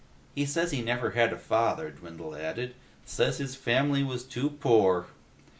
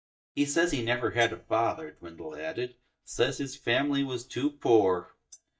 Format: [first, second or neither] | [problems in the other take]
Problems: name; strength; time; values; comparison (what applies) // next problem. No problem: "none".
first | noise reduction (neural mask model DeepFilterNet 3)